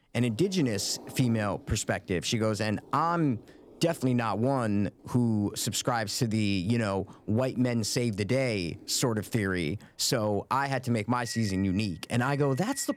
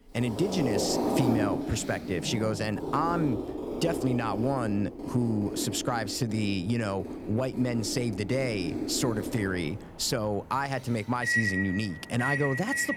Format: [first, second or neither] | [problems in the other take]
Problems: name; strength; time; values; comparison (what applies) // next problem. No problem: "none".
first | household noises; loud; throughout; 3 dB below the speech; faint in the first